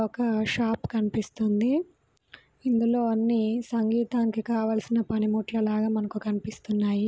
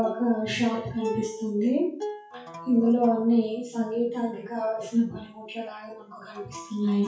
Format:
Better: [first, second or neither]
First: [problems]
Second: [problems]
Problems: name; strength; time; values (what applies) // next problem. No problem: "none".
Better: first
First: none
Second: noise reduction (classical method WPE with log-MMSE)